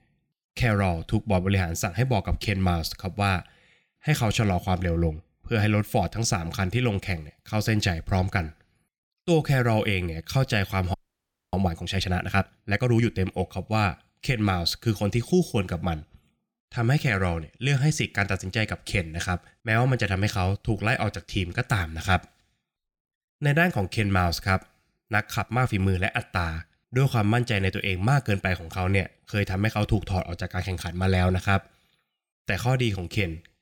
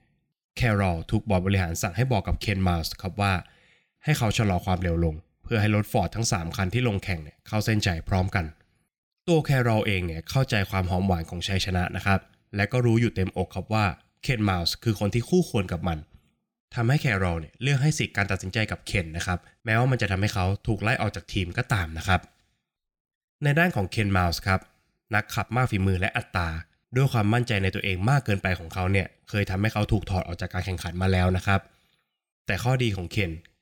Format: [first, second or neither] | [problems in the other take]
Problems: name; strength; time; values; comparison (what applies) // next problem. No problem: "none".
second | audio freezing; at 11 s for 0.5 s